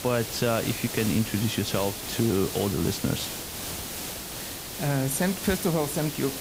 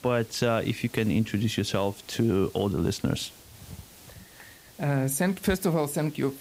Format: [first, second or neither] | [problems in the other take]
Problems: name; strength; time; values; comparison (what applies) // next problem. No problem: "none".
second | hiss; loud; throughout; 6 dB below the speech; faint in the second